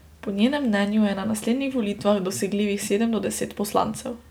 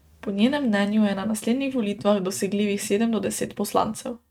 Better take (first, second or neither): first